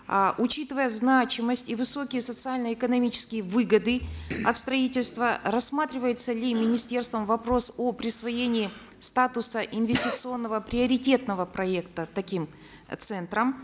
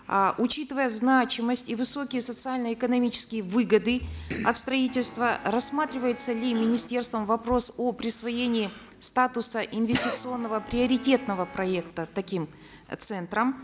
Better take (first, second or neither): first